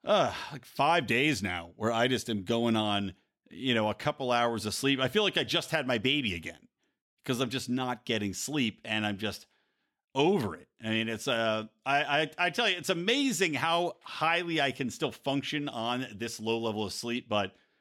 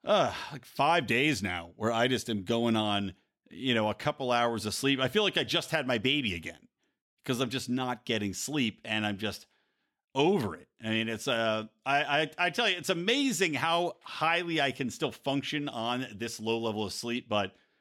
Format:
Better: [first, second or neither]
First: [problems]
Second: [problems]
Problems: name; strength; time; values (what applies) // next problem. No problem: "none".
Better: neither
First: none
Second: none